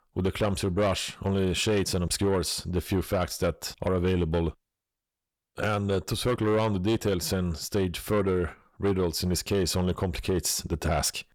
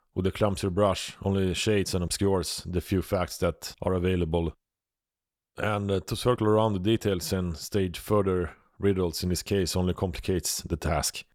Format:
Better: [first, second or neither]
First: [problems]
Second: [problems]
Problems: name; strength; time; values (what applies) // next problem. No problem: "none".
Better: second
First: distortion; slight; 10 dB below the speech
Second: none